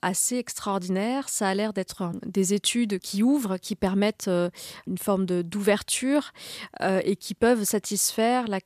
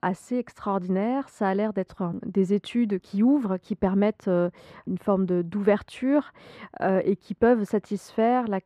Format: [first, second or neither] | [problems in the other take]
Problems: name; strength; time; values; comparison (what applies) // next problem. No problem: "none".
first | muffled; very; fading above 3.5 kHz